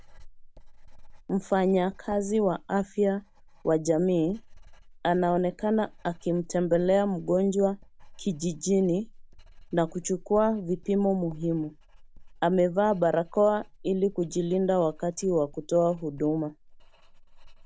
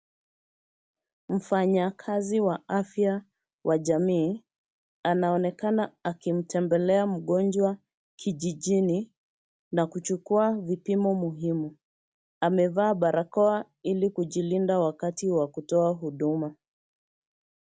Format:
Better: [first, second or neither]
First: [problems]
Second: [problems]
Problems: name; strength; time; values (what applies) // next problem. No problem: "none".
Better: second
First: background sound (Writing); 19 dB below the speech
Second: none